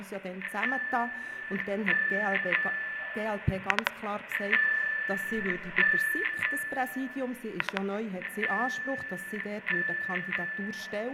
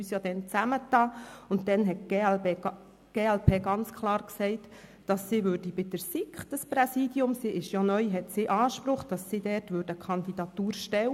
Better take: second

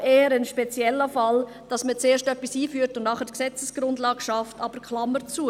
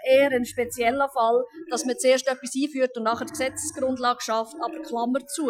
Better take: first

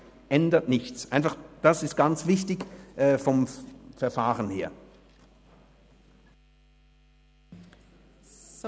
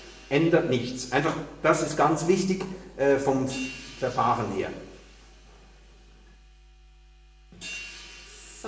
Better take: first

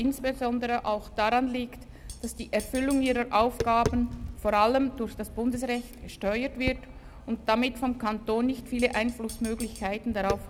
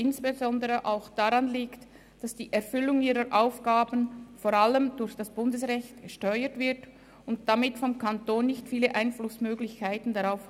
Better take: second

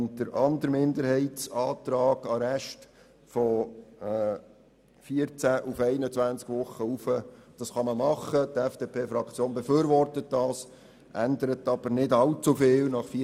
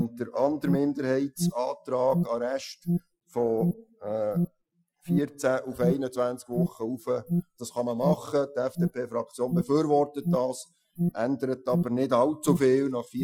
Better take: first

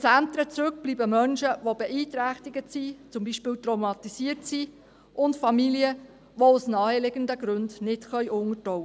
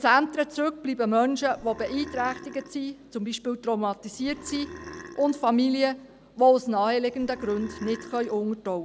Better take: first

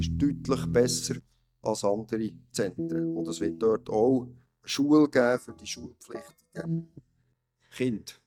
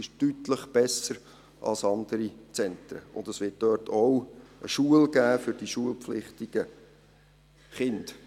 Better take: second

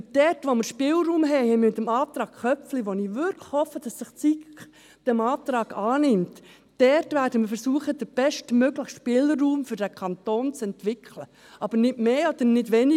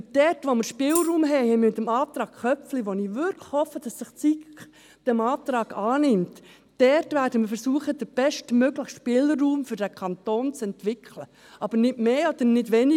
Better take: first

